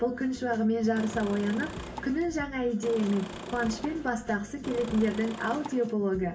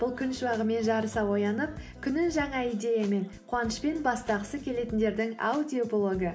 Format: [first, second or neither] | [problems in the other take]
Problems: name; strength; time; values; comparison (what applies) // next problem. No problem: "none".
second | background sound (Engine / Car); 12 dB below the speech // room echo; dies away in 0.1 s